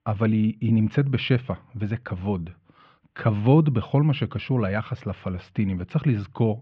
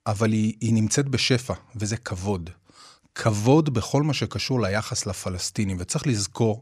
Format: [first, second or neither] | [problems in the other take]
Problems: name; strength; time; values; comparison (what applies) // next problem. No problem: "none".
second | muffled; very; fading above 3 kHz